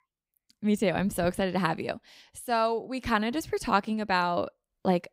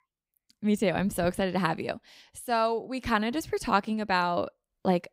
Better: neither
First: none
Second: none

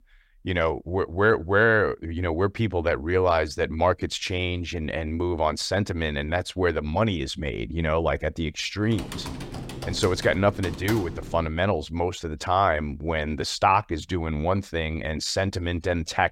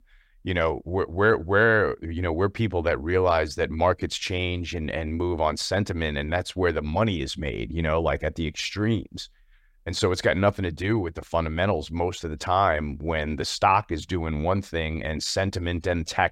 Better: second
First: keyboard typing; noticeable; from 9 to 12 s; peak 9 dB below the speech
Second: none

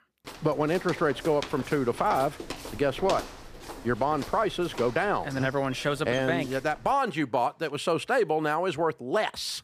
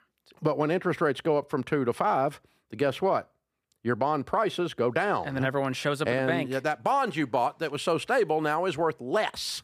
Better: second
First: footsteps; noticeable; until 7 s; peak 8 dB below the speech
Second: none

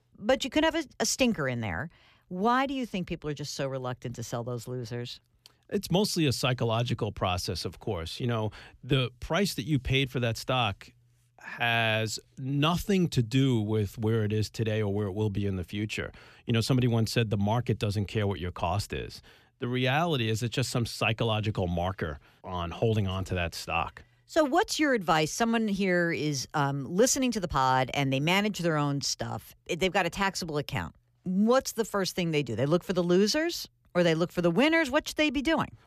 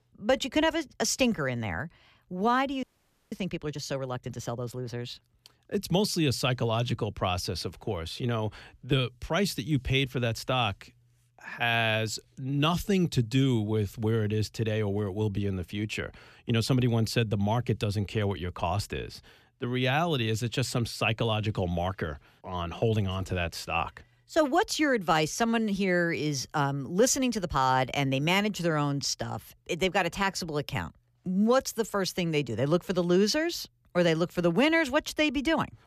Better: first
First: none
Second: audio freezing; at 3 s

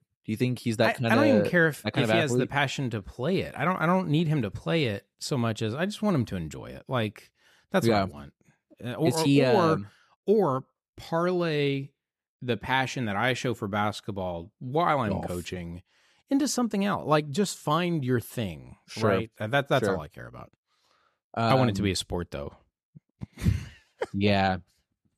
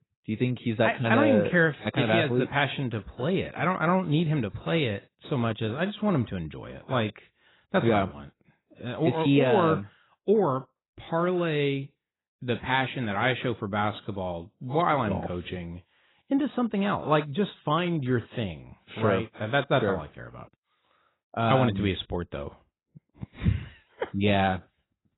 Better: first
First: none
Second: garbled, watery; badly; nothing above 4 kHz

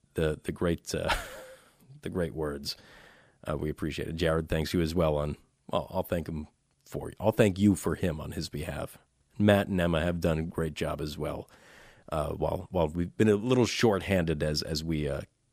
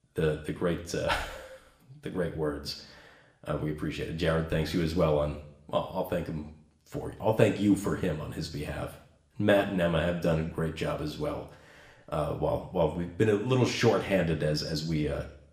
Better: first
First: none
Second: room echo; slight; dies away in 0.6 s

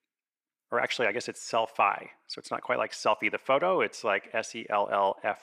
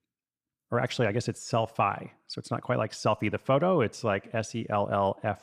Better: second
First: thin; somewhat; fading below 400 Hz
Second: none

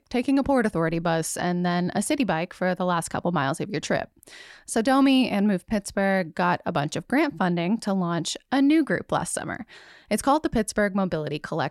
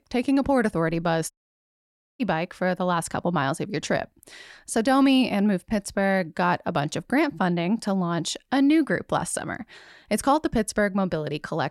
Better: first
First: none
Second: audio cutting out; at 1.5 s for 1 s

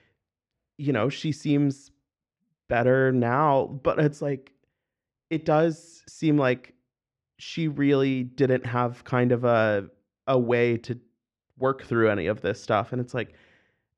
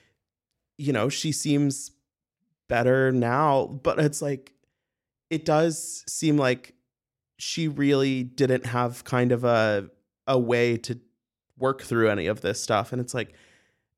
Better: second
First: muffled; slightly; fading above 3 kHz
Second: none

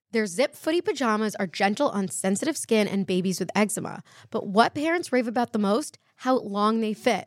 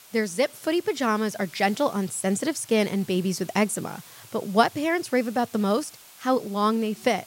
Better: first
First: none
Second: hiss; faint; throughout; 20 dB below the speech

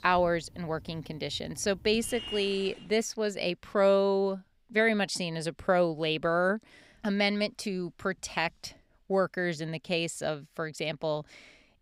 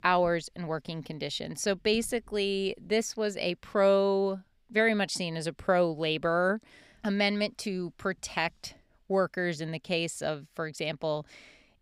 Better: second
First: traffic noise; noticeable; until 2.5 s; 15 dB below the speech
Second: none

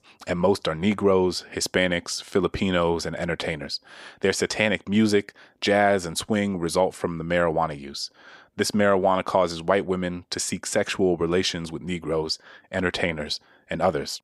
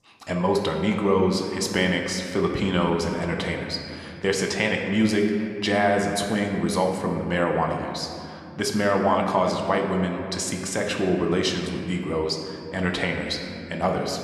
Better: first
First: none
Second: room echo; slight; dies away in 2.4 s

